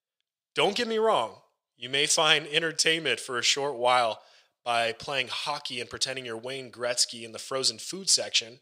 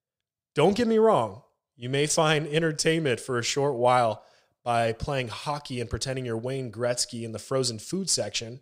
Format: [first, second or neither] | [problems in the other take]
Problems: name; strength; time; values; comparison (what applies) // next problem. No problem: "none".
second | thin; somewhat; fading below 700 Hz